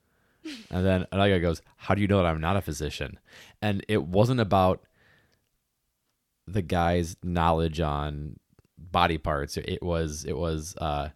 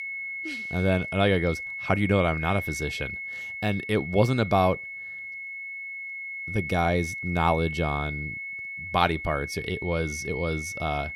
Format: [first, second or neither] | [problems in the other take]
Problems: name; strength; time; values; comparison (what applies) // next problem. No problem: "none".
first | high-pitched whine; loud; throughout; 2 kHz, 7 dB below the speech